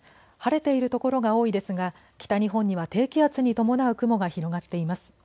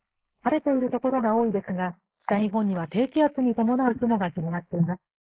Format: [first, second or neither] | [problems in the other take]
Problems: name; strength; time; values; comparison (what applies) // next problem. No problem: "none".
first | noise reduction (neural mask model Resemble Enhance denoiser)